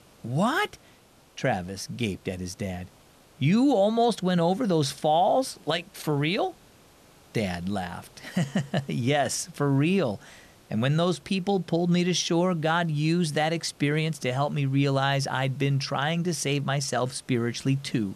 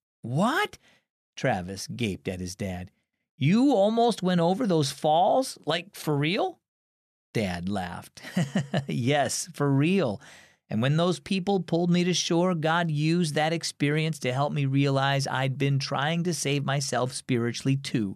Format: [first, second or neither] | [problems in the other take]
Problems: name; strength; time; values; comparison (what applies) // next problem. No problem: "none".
second | hiss; faint; throughout; 30 dB below the speech